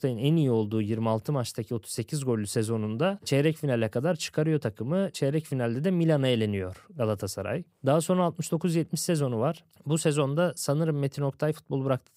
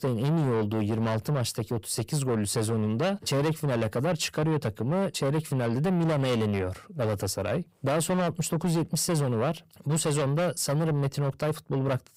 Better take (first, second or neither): first